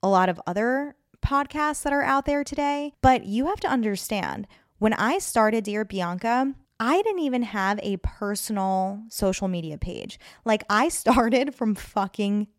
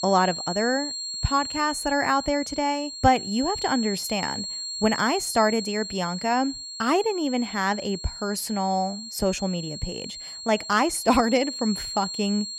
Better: first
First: none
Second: high-pitched whine; loud; throughout; 4.5 kHz, 7 dB below the speech

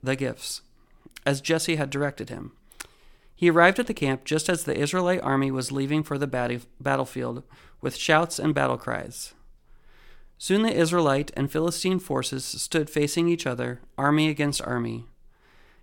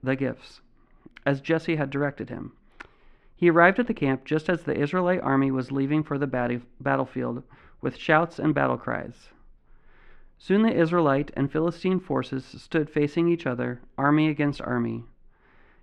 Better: first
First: none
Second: muffled; very; fading above 2 kHz

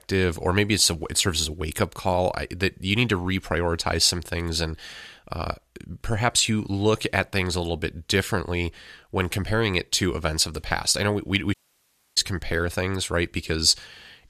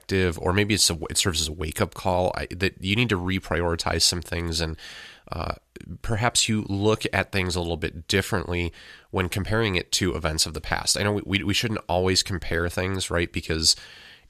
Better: second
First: audio cutting out; at 12 s for 0.5 s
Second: none

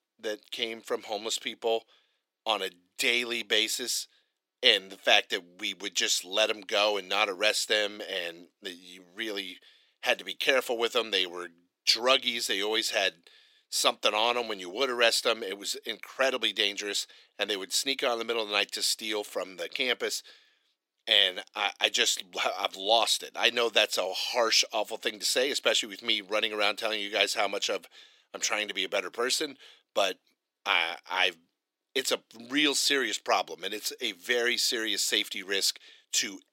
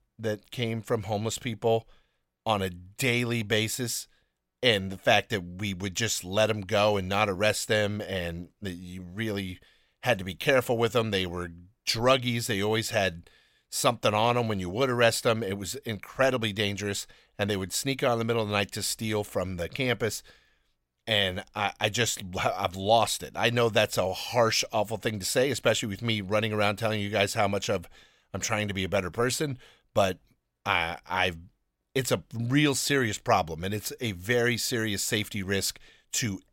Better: second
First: thin; somewhat; fading below 300 Hz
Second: none

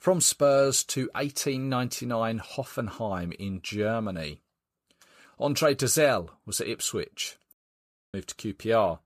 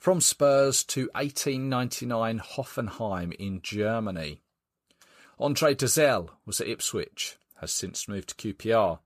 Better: second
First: audio cutting out; at 7.5 s for 0.5 s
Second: none

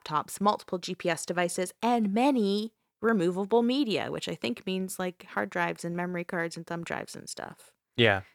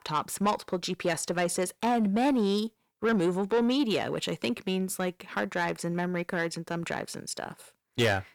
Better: first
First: none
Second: distortion; slight; 10 dB below the speech

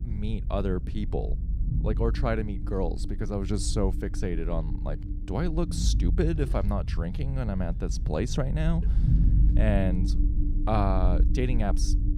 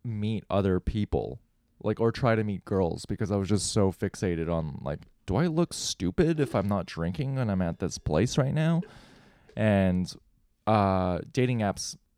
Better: second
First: low rumble; noticeable; throughout; 10 dB below the speech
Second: none

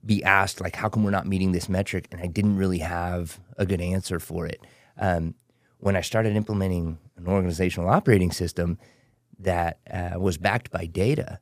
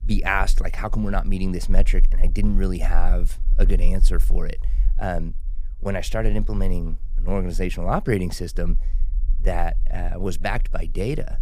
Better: first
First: none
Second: low rumble; faint; throughout; 25 dB below the speech

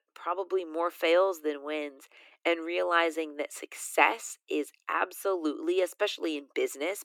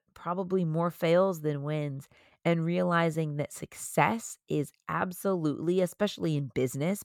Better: second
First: thin; very; fading below 300 Hz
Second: none

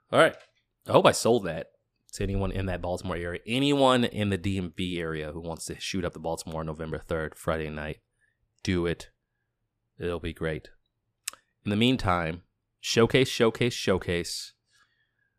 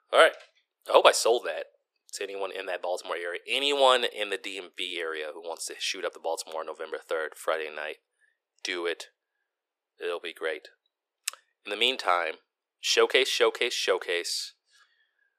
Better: first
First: none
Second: thin; very; fading below 400 Hz

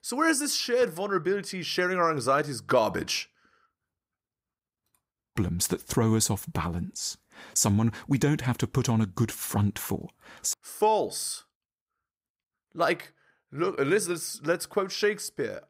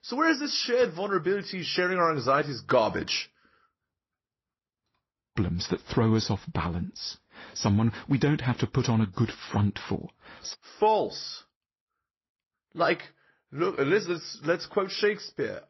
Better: first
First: none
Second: garbled, watery; slightly; nothing above 6 kHz

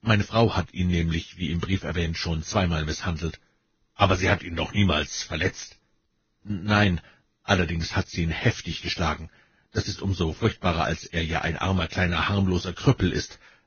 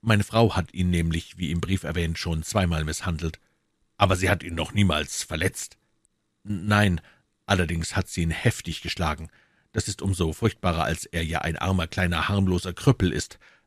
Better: second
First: garbled, watery; badly; nothing above 6.5 kHz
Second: none

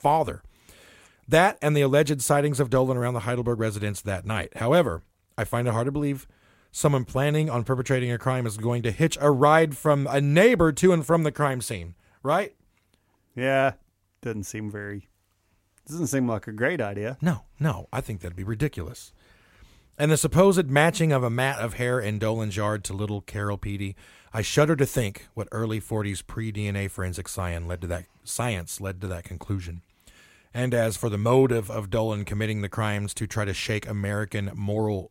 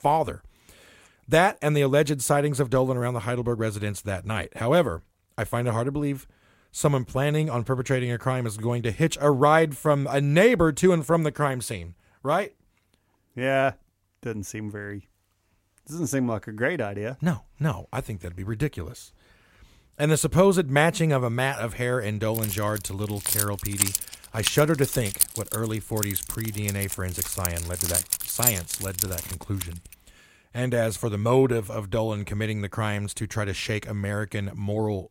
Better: first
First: none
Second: jangling keys; loud; from 22 to 30 s; peak 3 dB above the speech

